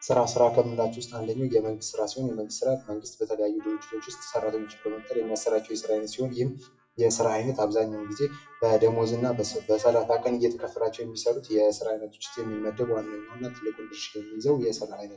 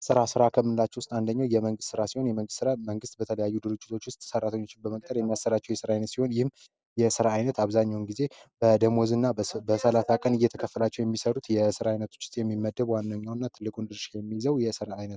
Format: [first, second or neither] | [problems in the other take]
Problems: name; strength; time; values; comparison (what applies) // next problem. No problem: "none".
second | noise reduction (classical method WPE with log-MMSE)